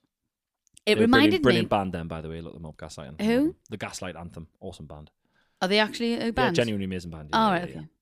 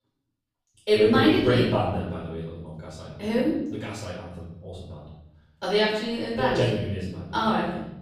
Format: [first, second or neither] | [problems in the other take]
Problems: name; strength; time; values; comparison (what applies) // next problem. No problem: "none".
first | off-mic speech; far // room echo; noticeable; dies away in 0.9 s